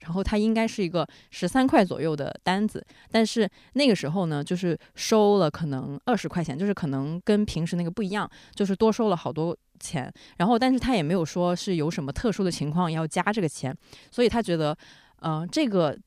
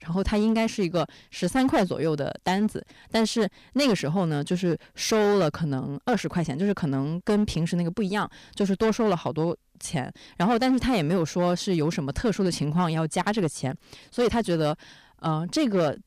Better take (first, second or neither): first